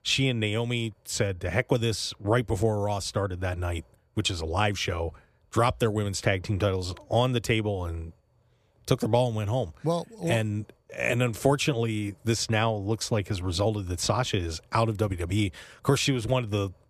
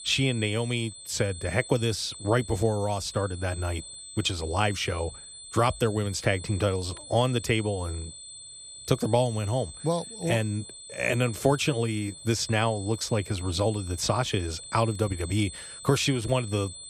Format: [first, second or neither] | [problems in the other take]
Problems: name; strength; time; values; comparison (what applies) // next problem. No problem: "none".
first | high-pitched whine; noticeable; throughout; 8 kHz, 15 dB below the speech